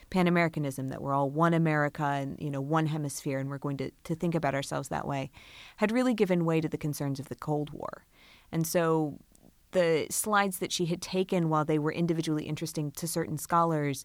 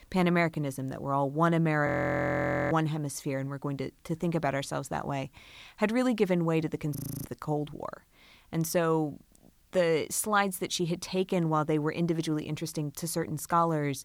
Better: first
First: none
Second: audio freezing; at 2 s for 1 s and at 7 s

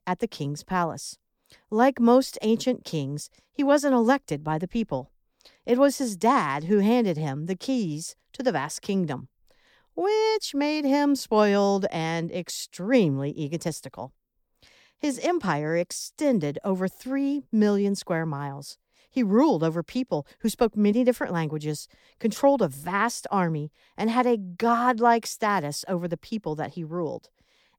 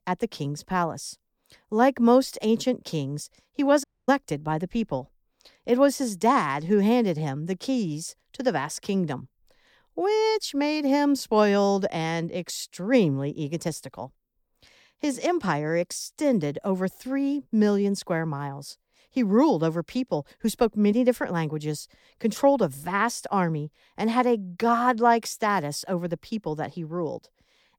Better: first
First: none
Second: audio cutting out; at 4 s

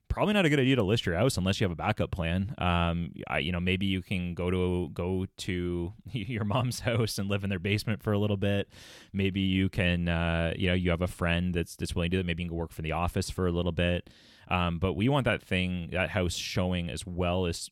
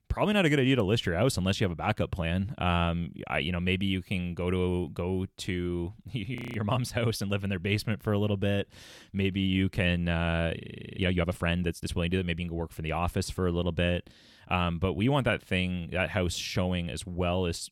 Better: first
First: none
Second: audio freezing; at 6.5 s and at 11 s

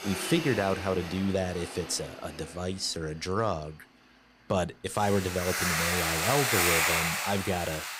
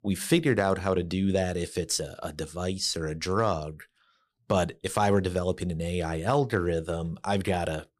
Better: second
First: household noises; very loud; throughout; 2 dB above the speech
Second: none

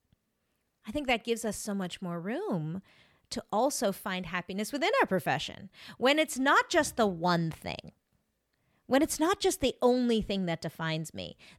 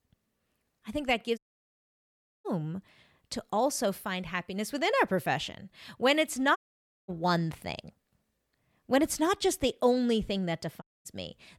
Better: first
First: none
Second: audio cutting out; at 1.5 s for 1 s, at 6.5 s for 0.5 s and at 11 s

